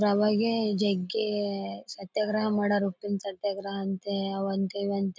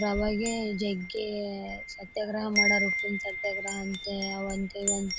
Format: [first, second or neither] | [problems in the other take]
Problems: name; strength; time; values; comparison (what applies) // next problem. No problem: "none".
first | background sound (Wind chime); 1 dB below the speech